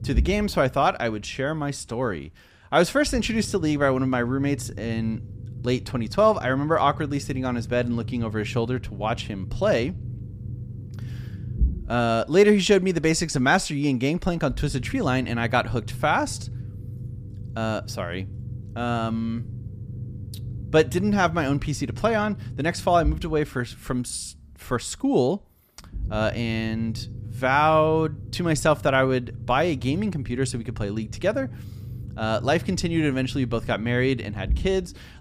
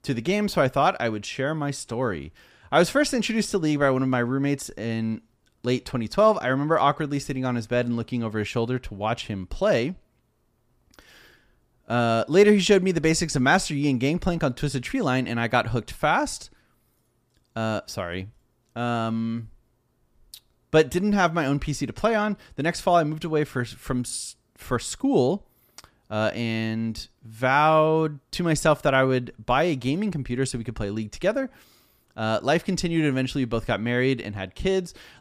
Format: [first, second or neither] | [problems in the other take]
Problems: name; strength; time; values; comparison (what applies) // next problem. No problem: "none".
second | low rumble; faint; throughout; 25 dB below the speech